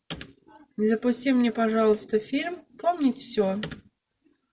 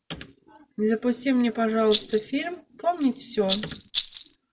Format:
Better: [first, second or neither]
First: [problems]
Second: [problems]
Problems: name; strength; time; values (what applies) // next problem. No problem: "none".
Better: first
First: none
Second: background sound (Rattle); 6 dB below the speech